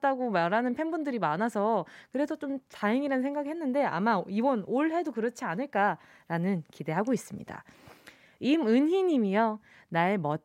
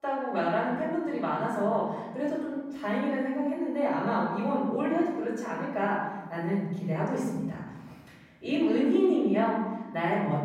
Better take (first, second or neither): first